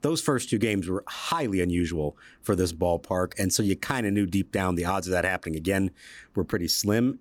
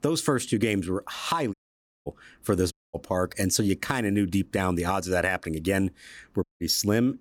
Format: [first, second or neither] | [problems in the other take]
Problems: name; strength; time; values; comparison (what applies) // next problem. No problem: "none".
first | audio cutting out; at 1.5 s for 0.5 s, at 2.5 s and at 6.5 s